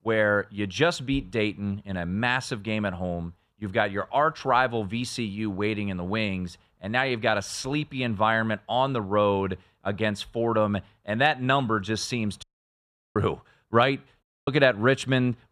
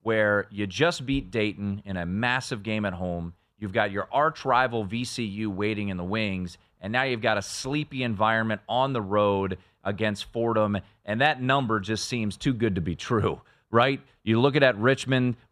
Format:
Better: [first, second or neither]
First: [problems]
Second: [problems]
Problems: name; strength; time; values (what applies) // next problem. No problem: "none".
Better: second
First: audio cutting out; at 12 s for 0.5 s and at 14 s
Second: none